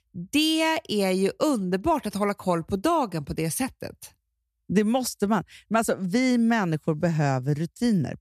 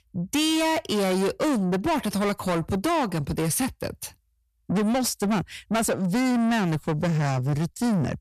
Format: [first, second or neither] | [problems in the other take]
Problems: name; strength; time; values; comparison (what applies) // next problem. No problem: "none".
first | distortion; heavy; 7 dB below the speech